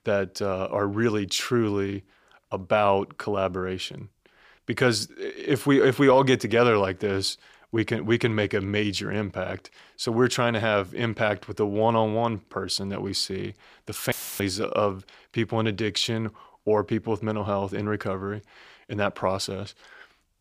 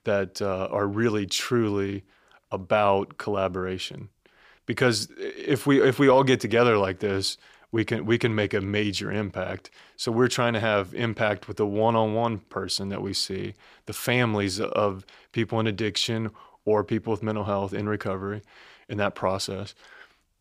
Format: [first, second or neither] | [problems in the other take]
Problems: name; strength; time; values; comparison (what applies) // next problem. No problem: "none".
second | audio cutting out; filled with static; at 14 s